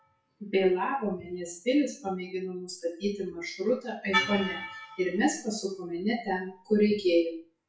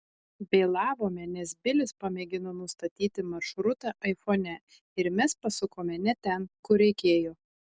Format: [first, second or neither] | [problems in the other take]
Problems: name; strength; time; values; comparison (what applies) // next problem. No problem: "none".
second | noise reduction (classical method WPE with log-MMSE)